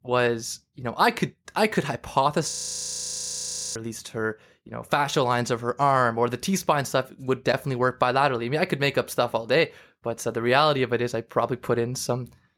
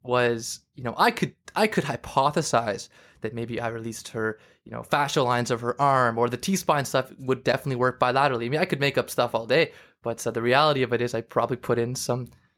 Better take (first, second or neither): second